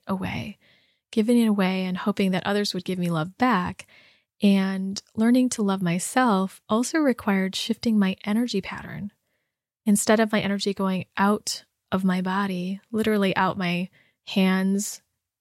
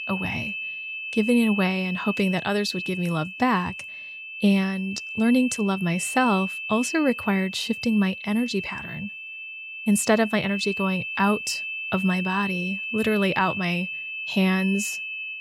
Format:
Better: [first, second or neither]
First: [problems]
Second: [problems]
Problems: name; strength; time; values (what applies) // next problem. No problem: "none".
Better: first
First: none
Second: high-pitched whine; loud; throughout; 2.5 kHz, 6 dB below the speech